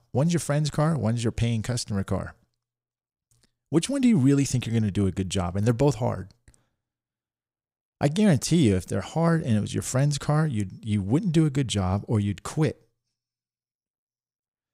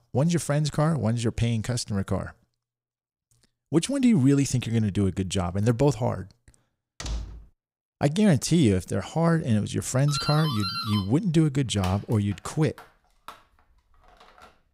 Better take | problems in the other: first | door banging; faint; at 7 s; peak 10 dB below the speech // doorbell; noticeable; from 10 s on; peak 5 dB below the speech

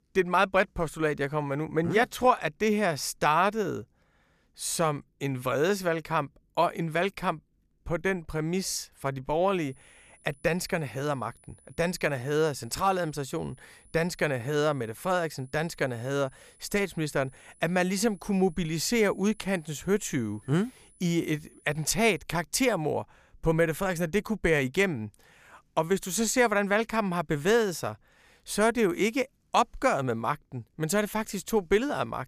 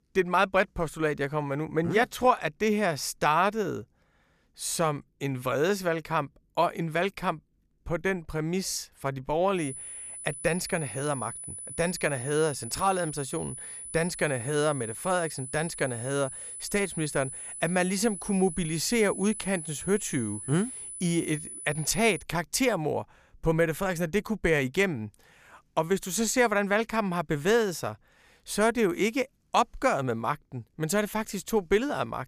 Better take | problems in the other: first | high-pitched whine; loud; from 9.5 to 22 s; 10 kHz, 9 dB below the speech; faint in the first

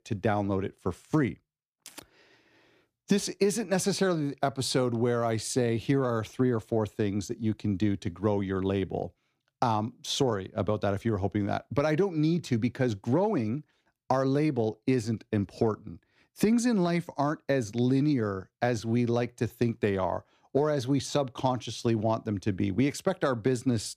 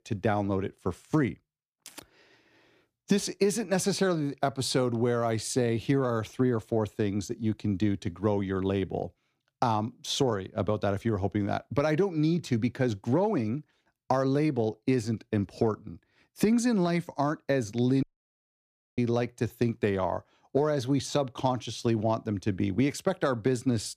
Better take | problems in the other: first | audio cutting out; at 18 s for 1 s

